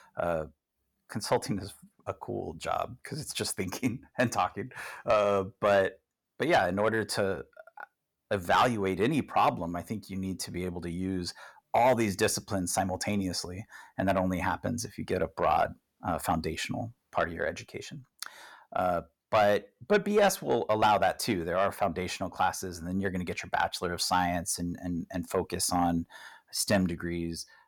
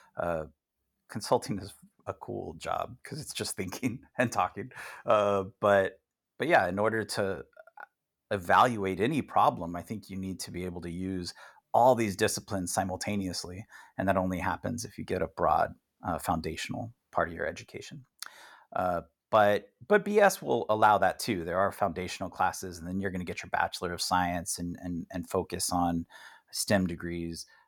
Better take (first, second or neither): second